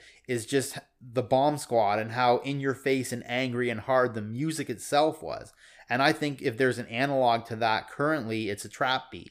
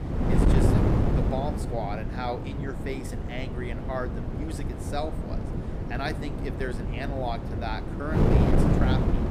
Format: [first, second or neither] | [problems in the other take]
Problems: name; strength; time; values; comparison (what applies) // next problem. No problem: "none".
first | wind noise on the microphone; heavy; 1 dB above the speech